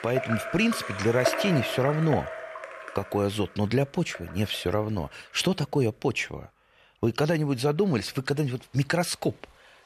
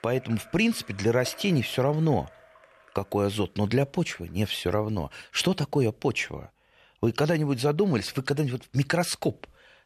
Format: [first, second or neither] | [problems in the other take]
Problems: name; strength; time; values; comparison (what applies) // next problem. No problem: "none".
second | rain or running water; loud; throughout; 6 dB below the speech; faint in the second